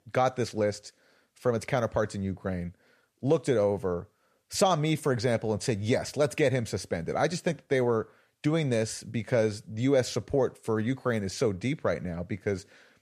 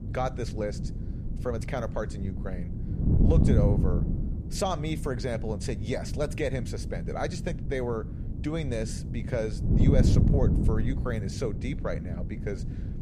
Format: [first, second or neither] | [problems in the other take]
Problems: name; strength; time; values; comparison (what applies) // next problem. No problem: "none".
first | wind noise on the microphone; heavy; 6 dB below the speech